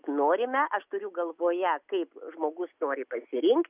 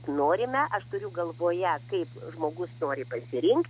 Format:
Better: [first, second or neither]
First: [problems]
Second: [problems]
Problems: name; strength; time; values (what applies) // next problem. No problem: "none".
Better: first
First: none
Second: background sound (Mechanical fan); 17 dB below the speech